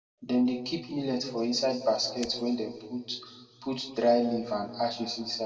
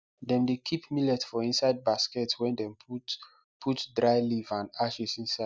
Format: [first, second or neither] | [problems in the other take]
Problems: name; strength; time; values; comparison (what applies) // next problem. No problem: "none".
second | background sound (Shatter); 17 dB below the speech // room echo; dies away in 1.5 s